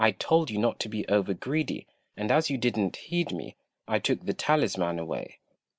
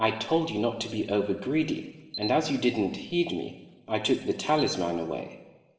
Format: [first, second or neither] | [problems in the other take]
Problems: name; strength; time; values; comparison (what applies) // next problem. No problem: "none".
first | background sound (Camera); 16 dB below the speech // room echo; dies away in 1 s